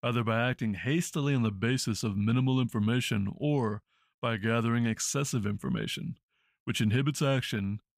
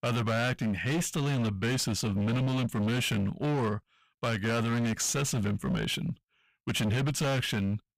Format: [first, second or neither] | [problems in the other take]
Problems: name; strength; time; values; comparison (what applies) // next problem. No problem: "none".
first | distortion; heavy; 26% of the sound clipped